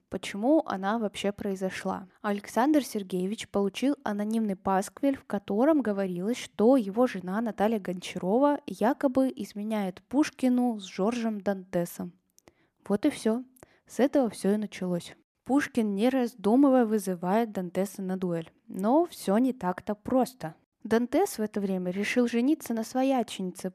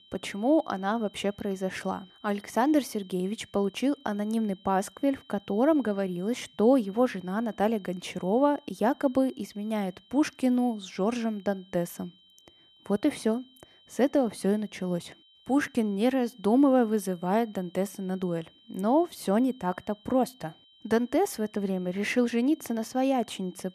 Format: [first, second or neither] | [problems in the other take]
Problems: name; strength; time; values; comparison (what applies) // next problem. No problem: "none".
first | high-pitched whine; faint; throughout; 3 kHz, 30 dB below the speech